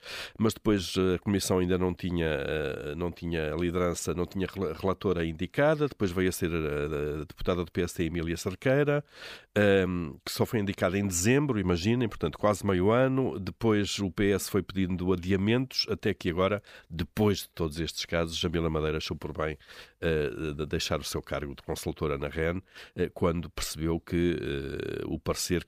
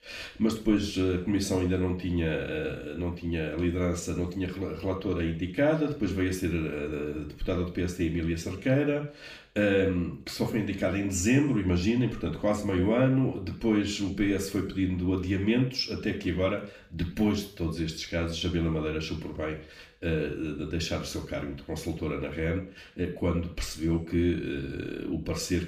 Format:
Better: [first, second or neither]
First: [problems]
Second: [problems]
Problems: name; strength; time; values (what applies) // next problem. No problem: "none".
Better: first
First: none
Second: room echo; slight; dies away in 0.5 s // off-mic speech; far